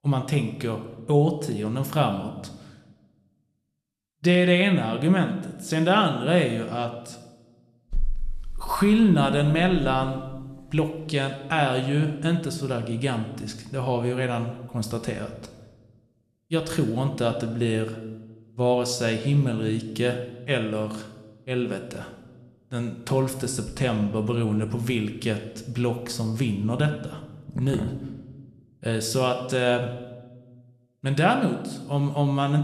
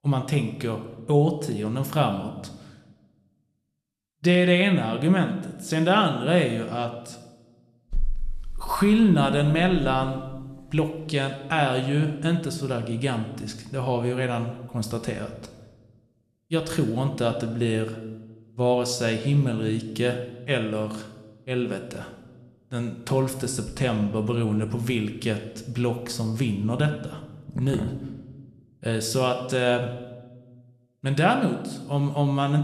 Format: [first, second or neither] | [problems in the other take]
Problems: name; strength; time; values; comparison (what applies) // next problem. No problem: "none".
neither | room echo; slight; dies away in 0.8 s; the same in both